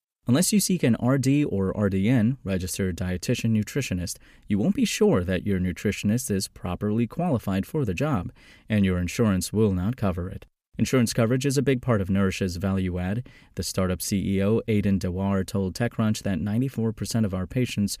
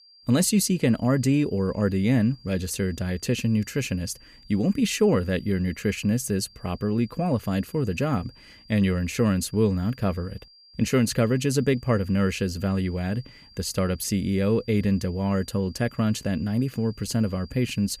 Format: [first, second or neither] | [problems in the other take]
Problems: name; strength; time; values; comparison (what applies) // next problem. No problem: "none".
first | high-pitched whine; faint; throughout; 4.5 kHz, 25 dB below the speech